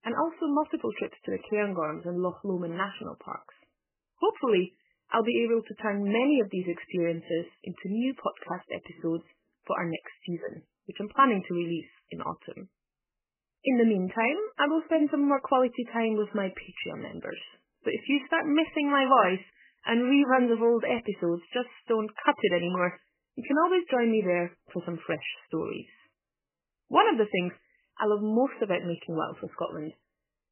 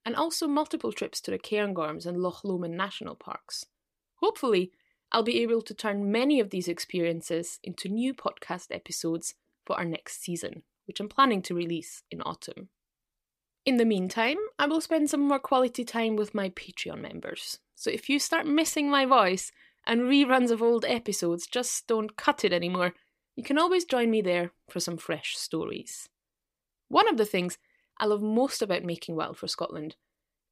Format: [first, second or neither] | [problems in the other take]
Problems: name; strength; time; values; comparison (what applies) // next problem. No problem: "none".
second | garbled, watery; badly; nothing above 3 kHz